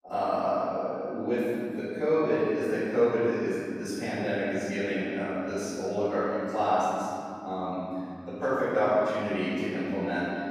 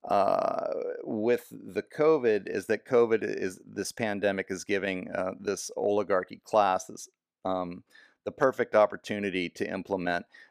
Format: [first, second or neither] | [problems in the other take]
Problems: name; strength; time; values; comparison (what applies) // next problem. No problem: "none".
second | room echo; strong; dies away in 3 s // off-mic speech; far